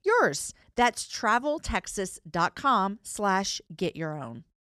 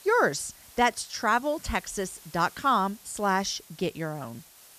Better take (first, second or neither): first